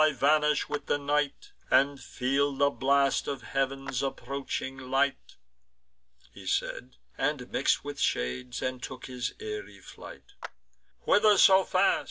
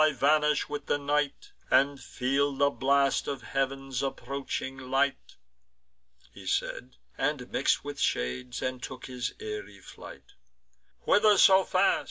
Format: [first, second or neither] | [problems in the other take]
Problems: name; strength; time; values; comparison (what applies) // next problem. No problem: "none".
second | background sound (Clapping); 19 dB below the speech